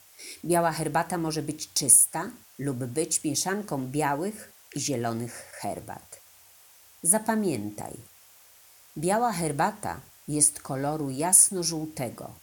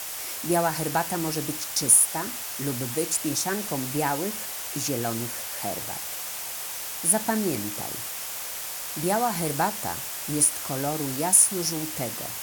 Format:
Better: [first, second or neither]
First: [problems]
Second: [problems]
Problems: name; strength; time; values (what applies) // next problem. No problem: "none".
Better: first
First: hiss; faint; throughout; 25 dB below the speech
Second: hiss; loud; throughout; 6 dB below the speech